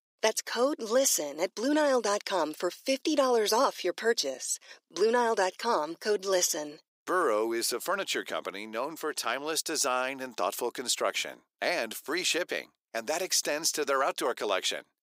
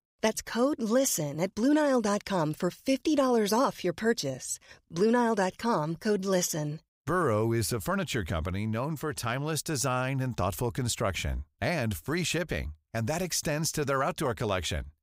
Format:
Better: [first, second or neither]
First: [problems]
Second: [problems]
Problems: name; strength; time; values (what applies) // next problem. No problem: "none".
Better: second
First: thin; somewhat; fading below 300 Hz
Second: none